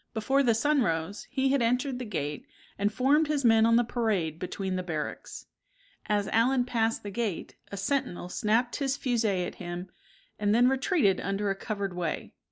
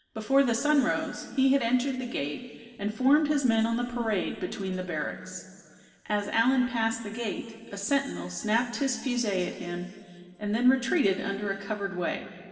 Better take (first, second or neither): first